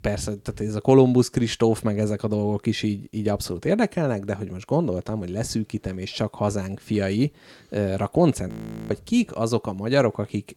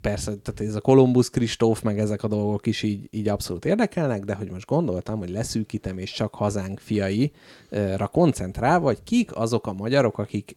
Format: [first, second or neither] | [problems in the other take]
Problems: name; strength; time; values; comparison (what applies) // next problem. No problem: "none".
second | audio freezing; at 8.5 s